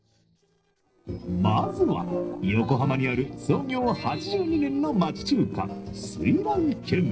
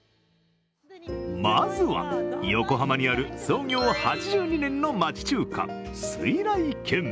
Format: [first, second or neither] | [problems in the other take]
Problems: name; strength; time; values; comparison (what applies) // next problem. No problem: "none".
second | noise reduction (neural separator model SepFormer DNS4)